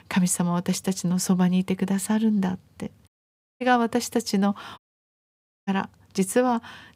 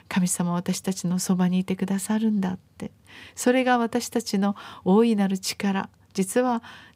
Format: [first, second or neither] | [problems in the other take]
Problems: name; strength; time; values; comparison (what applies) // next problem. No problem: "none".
second | audio cutting out; at 3 s for 0.5 s and at 5 s for 1 s